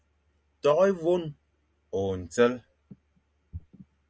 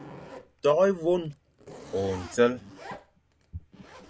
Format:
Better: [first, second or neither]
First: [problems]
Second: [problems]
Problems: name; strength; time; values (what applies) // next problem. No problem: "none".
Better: first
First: none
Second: background sound (Zipper (clothing)); 18 dB below the speech